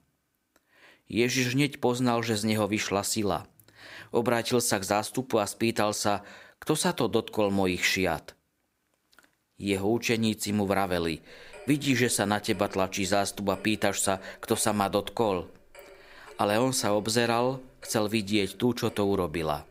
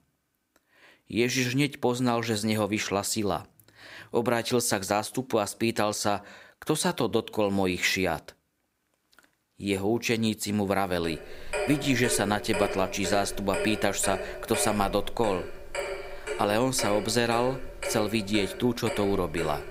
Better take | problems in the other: first | household noises; loud; from 11 s on; 8 dB below the speech; faint in the first

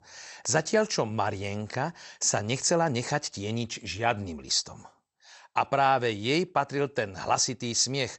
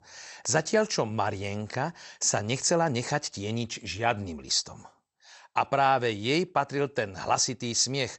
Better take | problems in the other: neither | garbled, watery; slightly; nothing above 8 kHz; the same in both

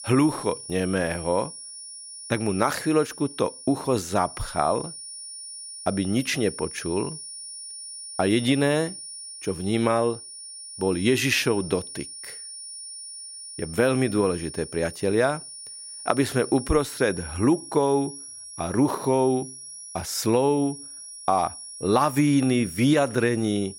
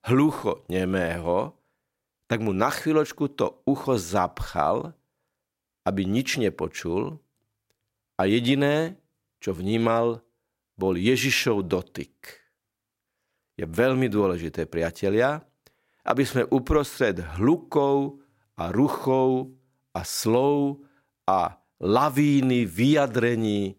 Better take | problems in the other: second | high-pitched whine; noticeable; throughout; 9.5 kHz, 10 dB below the speech

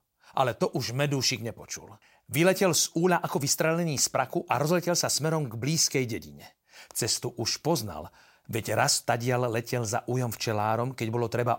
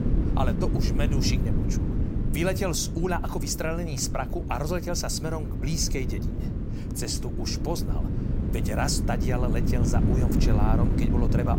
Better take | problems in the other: first | wind noise on the microphone; heavy; 5 dB below the speech

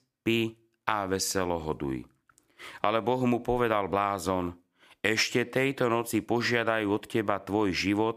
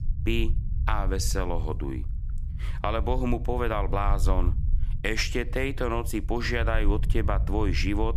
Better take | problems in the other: first | low rumble; noticeable; throughout; 20 dB below the speech

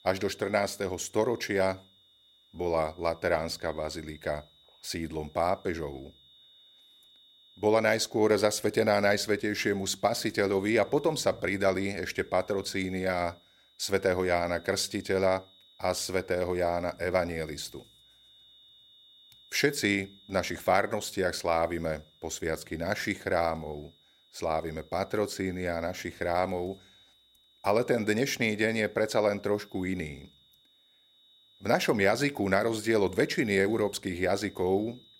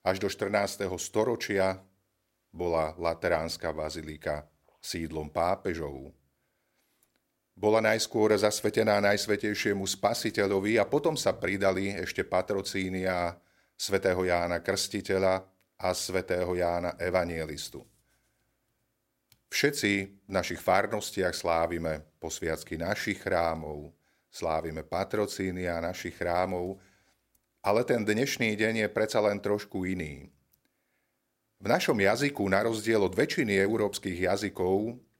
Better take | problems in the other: second | high-pitched whine; faint; throughout; 3.5 kHz, 30 dB below the speech

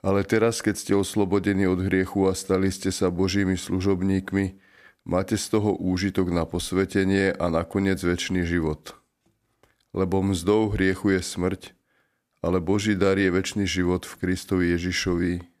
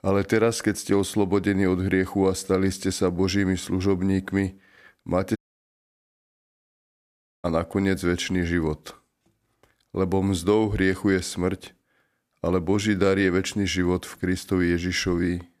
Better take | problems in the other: first | audio cutting out; at 5.5 s for 2 s

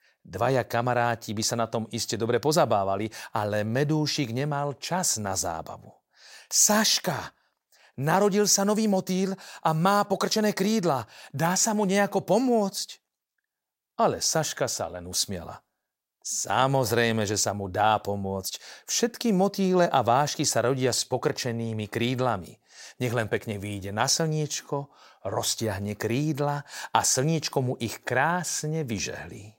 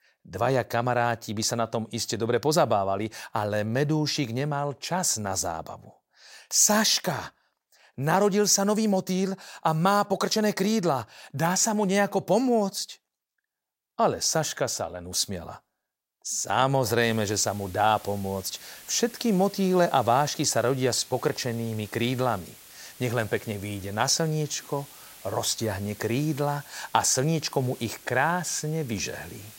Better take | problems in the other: first | hiss; faint; from 17 s on; 20 dB below the speech

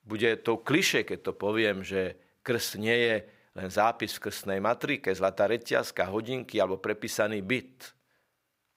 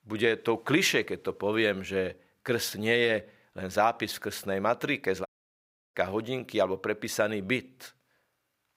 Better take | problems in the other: first | audio cutting out; at 5.5 s for 0.5 s

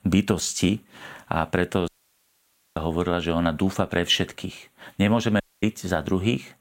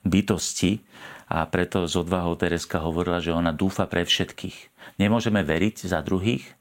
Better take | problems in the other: second | audio cutting out; at 2 s for 1 s and at 5.5 s

